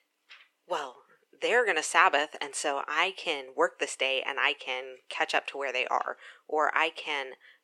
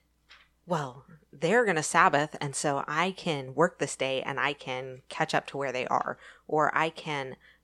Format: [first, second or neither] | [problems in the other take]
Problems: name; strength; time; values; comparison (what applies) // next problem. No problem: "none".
second | thin; somewhat; fading below 350 Hz